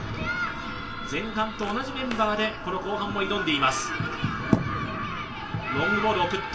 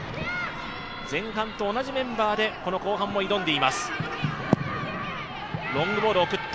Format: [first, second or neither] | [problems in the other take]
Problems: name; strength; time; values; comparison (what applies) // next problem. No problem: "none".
second | background sound (Walk, footsteps); 19 dB below the speech // room echo; dies away in 0.2 s